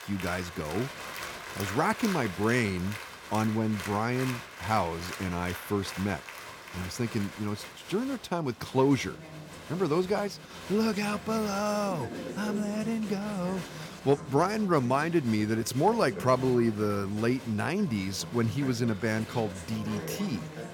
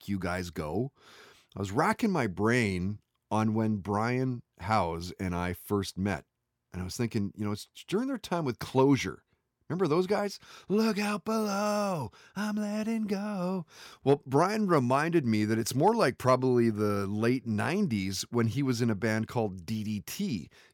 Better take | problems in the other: second | crowd noise; noticeable; throughout; 10 dB below the speech

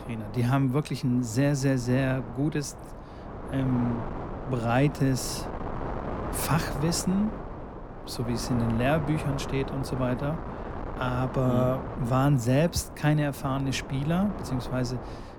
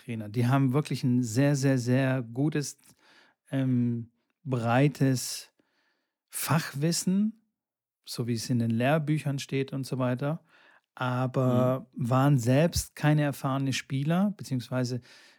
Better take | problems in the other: second | wind noise on the microphone; heavy; 7 dB below the speech

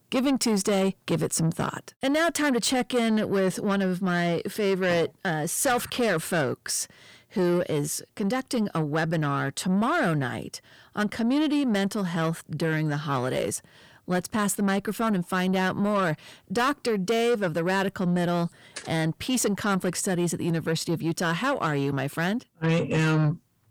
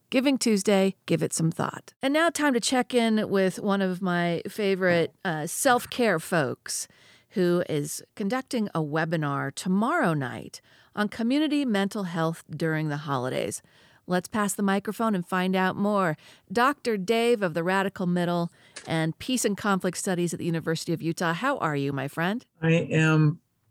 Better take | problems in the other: second | distortion; slight; 10 dB below the speech

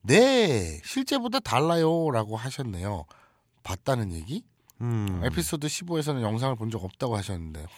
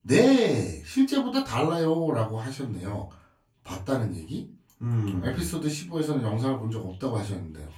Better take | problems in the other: first | off-mic speech; far // room echo; very slight; dies away in 0.3 s

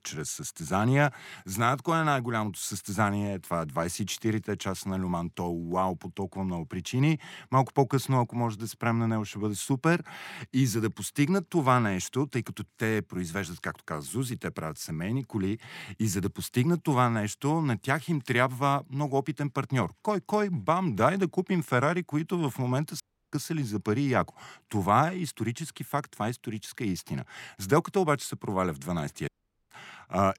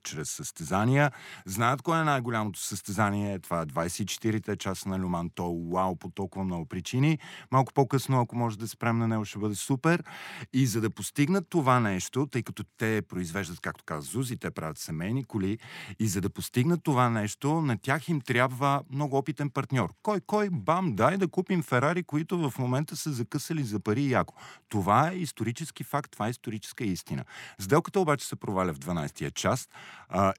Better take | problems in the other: second | audio cutting out; at 23 s and at 29 s

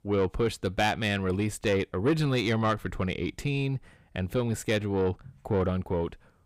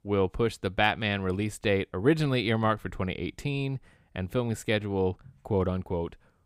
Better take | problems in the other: second | distortion; slight; 10 dB below the speech

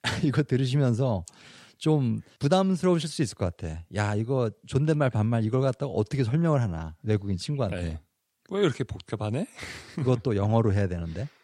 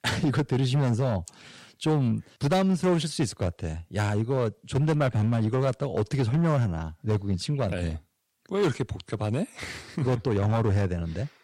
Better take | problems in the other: first | distortion; slight; 8% of the sound clipped

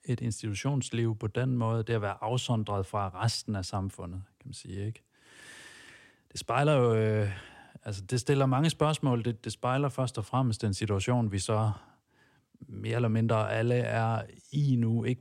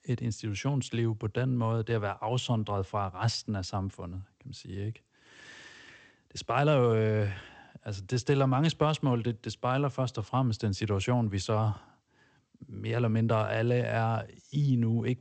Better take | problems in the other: first | garbled, watery; slightly; nothing above 8 kHz

